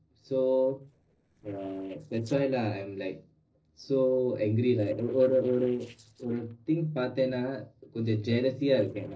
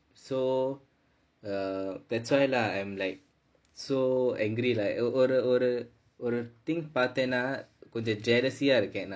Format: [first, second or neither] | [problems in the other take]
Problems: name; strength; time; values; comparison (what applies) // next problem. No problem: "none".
second | noise reduction (neural separator model SepFormer DNS4)